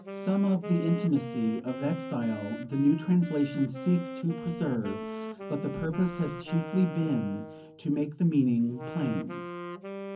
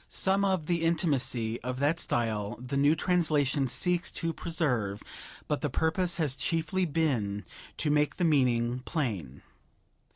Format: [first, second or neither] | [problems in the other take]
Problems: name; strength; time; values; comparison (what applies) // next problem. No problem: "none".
second | background sound (Wind instrument, woodwind instrument); 10 dB below the speech // room echo; dies away in 0.4 s